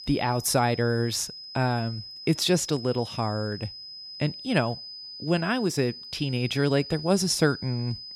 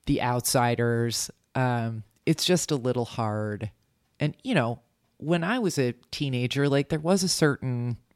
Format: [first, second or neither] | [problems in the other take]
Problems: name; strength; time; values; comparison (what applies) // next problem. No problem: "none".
second | high-pitched whine; noticeable; throughout; 5 kHz, 10 dB below the speech